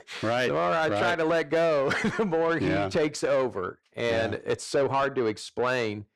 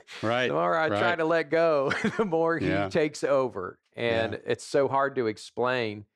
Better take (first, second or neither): second